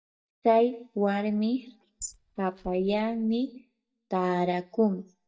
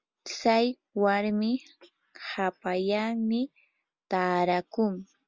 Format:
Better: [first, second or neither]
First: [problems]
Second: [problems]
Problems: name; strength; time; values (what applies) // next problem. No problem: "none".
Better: second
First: noise reduction (neural mask model DeepFilterNet 3)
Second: none